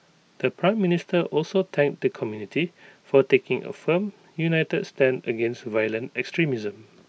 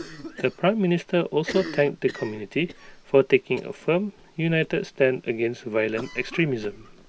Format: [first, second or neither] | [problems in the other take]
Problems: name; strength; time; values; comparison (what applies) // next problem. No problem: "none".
first | background sound (Cough); 16 dB below the speech